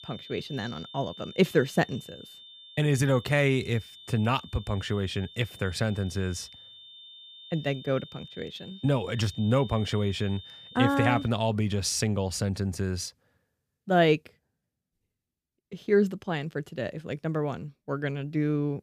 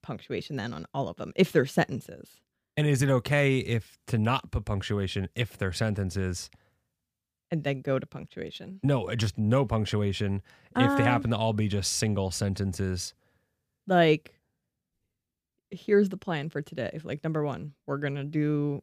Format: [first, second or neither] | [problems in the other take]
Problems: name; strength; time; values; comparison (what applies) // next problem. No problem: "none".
second | high-pitched whine; noticeable; until 11 s; 3.5 kHz, 15 dB below the speech